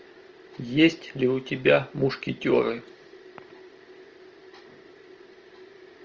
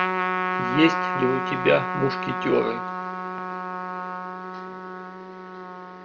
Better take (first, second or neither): first